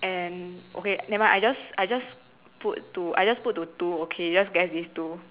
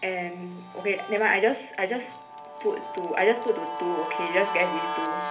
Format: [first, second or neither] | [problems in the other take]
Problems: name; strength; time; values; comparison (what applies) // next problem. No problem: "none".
first | background sound (Guitar); 7 dB below the speech // room echo; dies away in 0.3 s